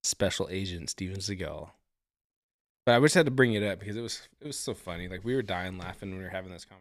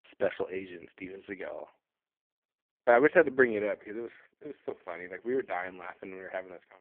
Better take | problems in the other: first | phone-call audio; poor line

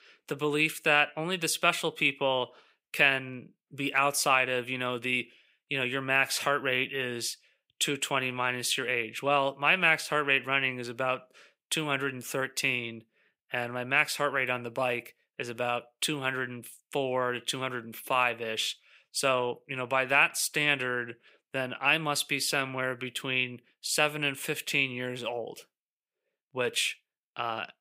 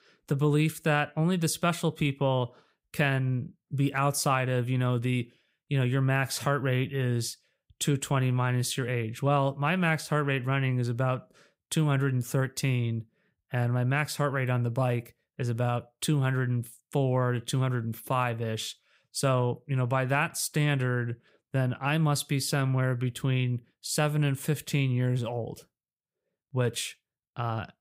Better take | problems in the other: second | thin; somewhat; fading below 350 Hz

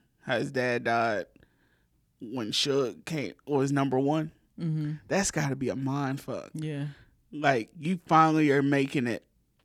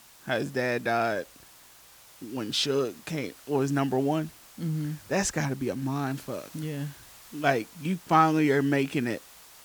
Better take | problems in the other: first | hiss; faint; throughout; 20 dB below the speech

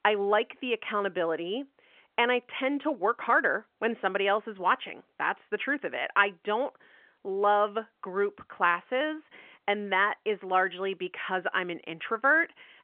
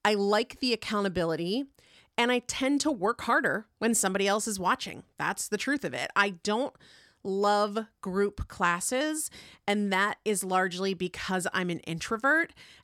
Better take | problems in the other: second | phone-call audio; nothing above 3.5 kHz

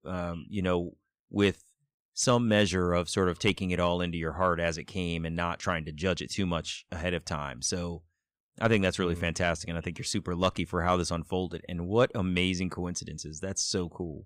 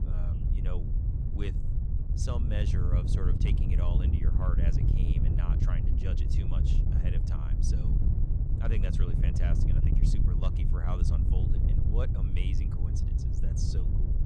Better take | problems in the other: first | wind noise on the microphone; heavy; 1 dB above the speech

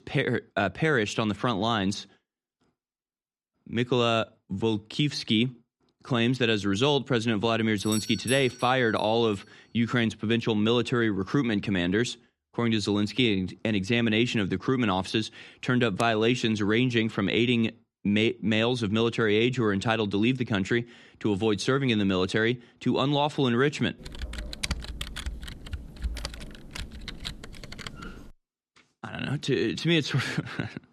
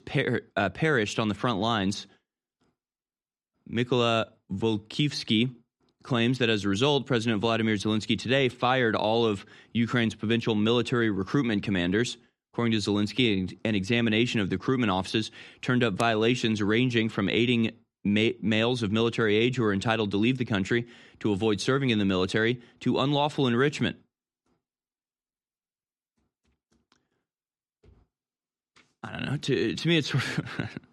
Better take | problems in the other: second | doorbell; noticeable; at 8 s; peak 9 dB below the speech // keyboard typing; noticeable; from 24 to 28 s; peak 6 dB below the speech

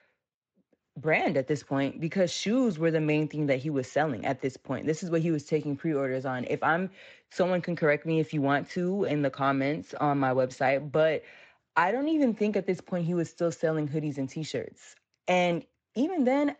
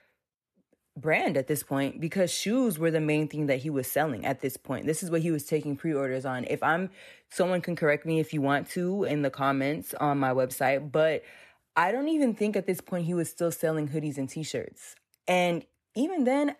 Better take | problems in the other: second | garbled, watery; slightly; nothing above 7.5 kHz

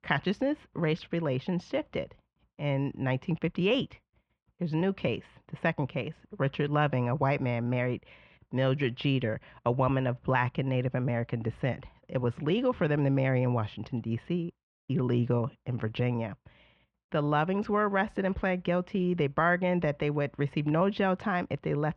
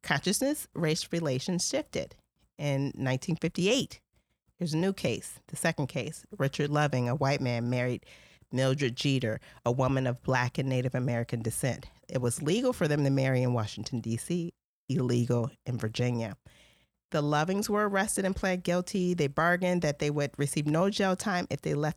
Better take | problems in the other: second | muffled; very; fading above 3 kHz

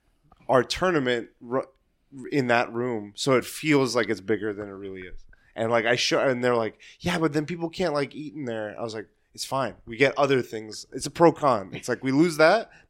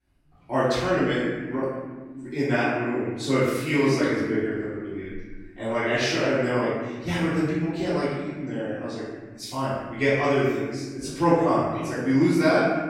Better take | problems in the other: first | off-mic speech; far // room echo; strong; dies away in 1.6 s

